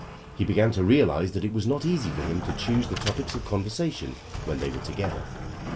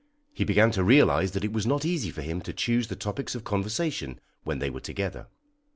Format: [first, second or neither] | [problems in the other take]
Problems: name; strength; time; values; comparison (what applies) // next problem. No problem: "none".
second | background sound (Sliding door); 9 dB below the speech // room echo; dies away in 0.2 s